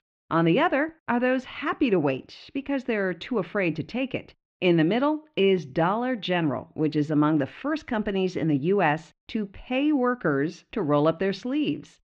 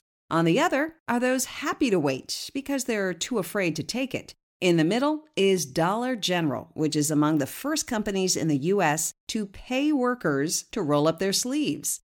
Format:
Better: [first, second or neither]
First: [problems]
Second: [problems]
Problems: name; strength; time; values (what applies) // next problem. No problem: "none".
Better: second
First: muffled; very; fading above 3 kHz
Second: none